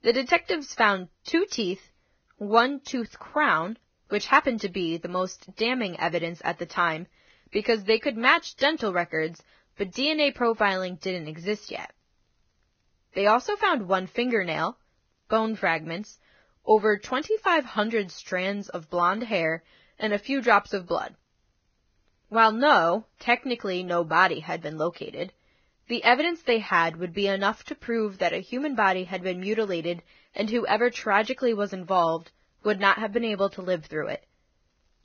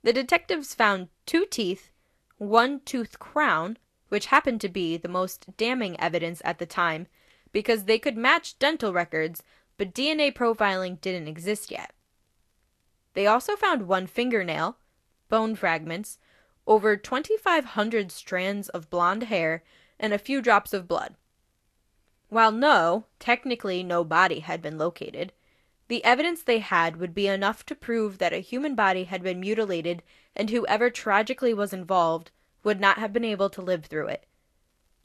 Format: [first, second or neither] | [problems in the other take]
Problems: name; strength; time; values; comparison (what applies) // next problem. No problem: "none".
second | garbled, watery; badly; nothing above 6.5 kHz; slightly in the second